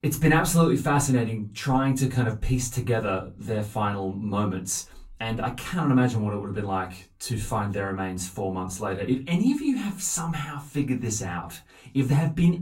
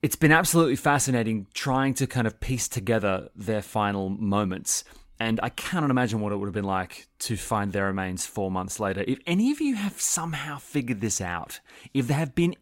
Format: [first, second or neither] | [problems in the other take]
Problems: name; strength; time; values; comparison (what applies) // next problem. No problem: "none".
second | off-mic speech; far // room echo; very slight; dies away in 0.3 s